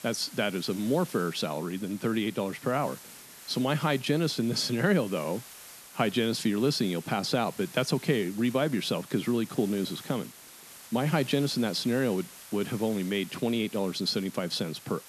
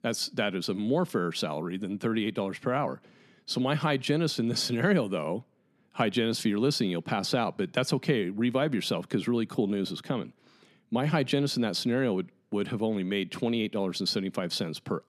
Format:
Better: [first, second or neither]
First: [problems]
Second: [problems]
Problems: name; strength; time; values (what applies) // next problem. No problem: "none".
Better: second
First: hiss; noticeable; throughout; 15 dB below the speech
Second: none